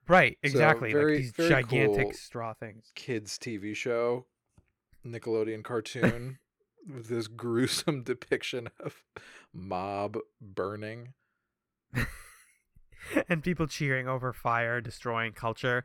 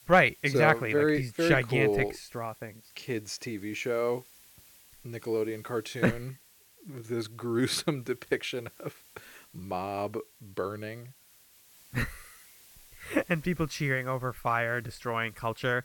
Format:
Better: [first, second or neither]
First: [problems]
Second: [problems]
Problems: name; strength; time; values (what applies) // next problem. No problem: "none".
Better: first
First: none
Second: hiss; faint; throughout; 25 dB below the speech